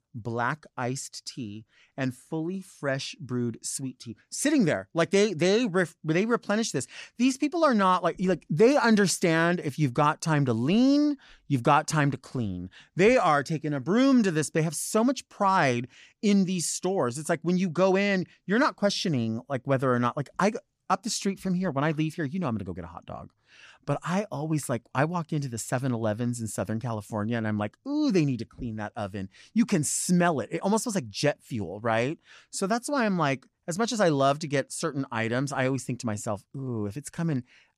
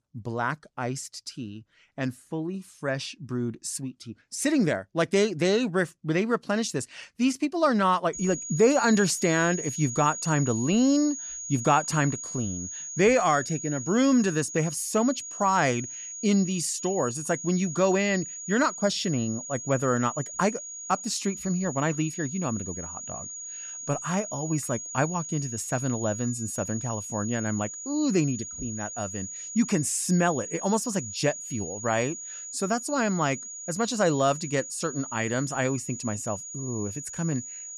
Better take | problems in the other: first | high-pitched whine; loud; from 8 s on; 6.5 kHz, 8 dB below the speech

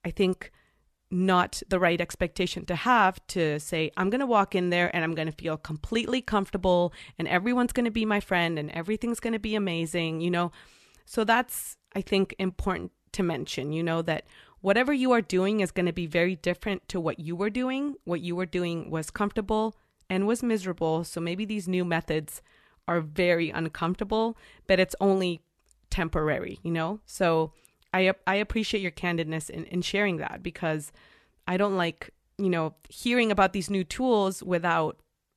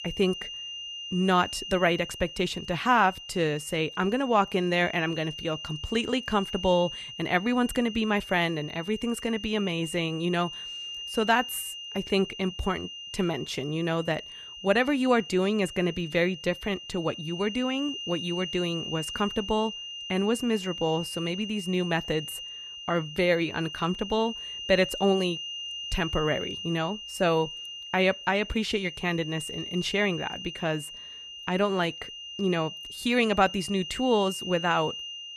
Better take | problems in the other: first | high-pitched whine; loud; throughout; 3 kHz, 9 dB below the speech

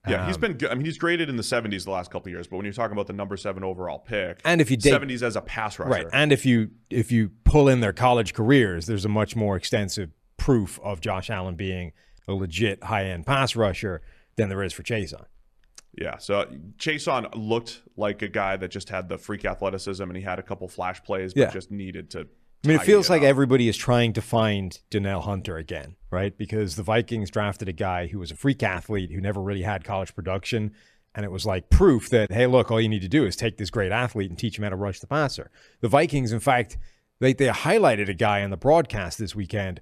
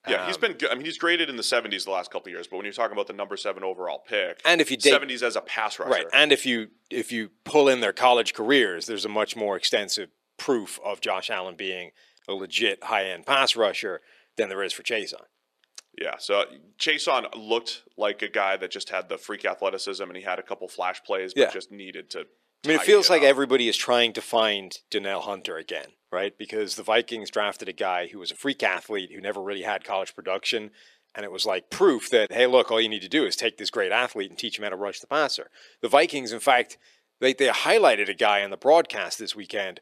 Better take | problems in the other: first | thin; somewhat; fading below 350 Hz

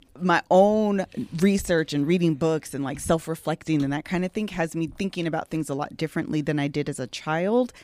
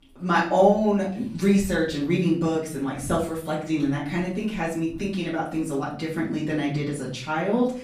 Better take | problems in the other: first | room echo; slight; dies away in 0.4 s // off-mic speech; far

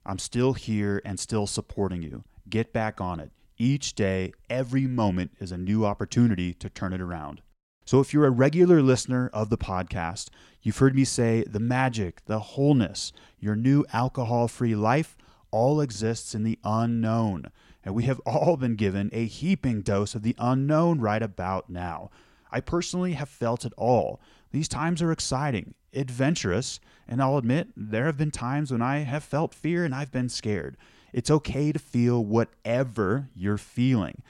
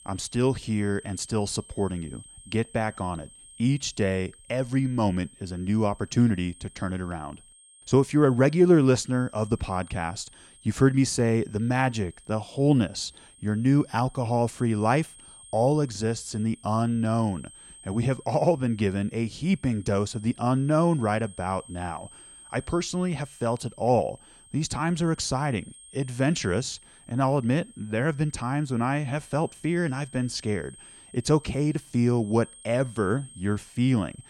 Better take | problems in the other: first | high-pitched whine; faint; throughout; 8.5 kHz, 20 dB below the speech

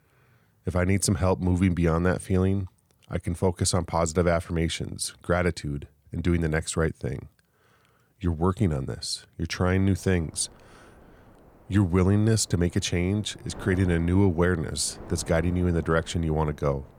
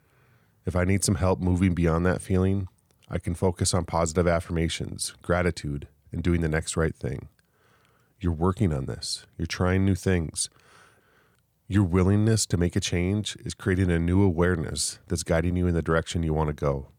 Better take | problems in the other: second | wind noise on the microphone; occasional gusts; from 9.5 s on; 20 dB below the speech

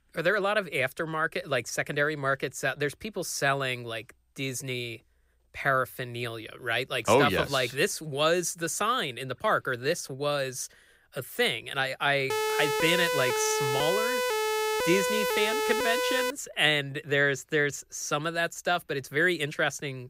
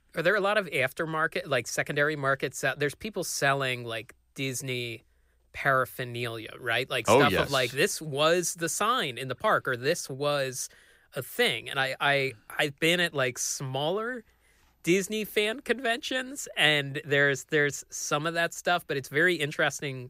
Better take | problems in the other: second | siren; loud; from 12 to 16 s; peak 1 dB above the speech

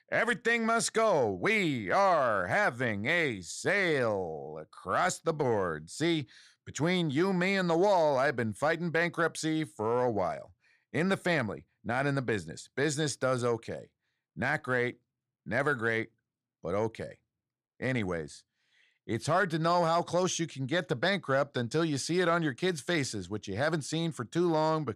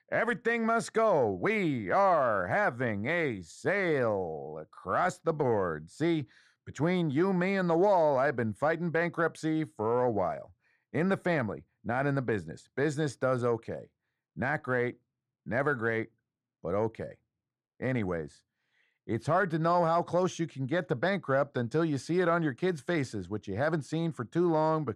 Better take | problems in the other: first | muffled; slightly; fading above 2 kHz

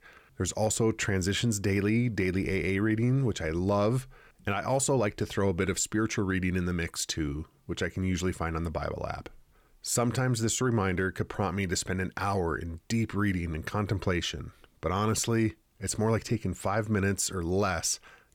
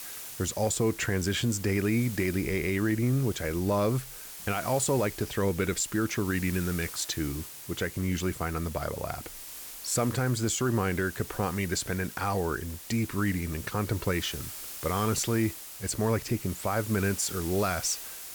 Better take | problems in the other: first | hiss; noticeable; throughout; 10 dB below the speech

